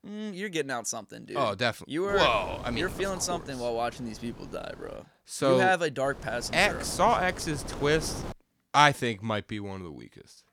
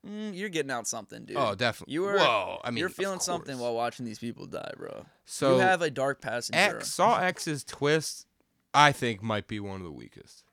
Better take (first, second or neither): second